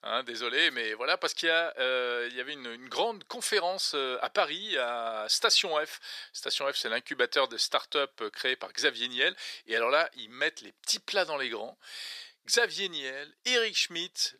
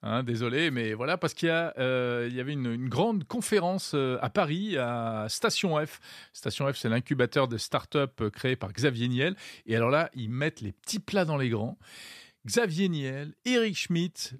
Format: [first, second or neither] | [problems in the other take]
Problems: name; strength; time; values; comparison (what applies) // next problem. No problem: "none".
second | thin; very; fading below 450 Hz